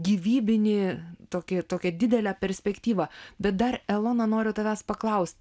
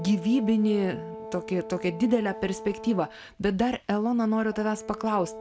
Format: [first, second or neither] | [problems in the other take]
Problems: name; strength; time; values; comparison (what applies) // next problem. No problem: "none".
first | background sound (Brass instrument); 14 dB below the speech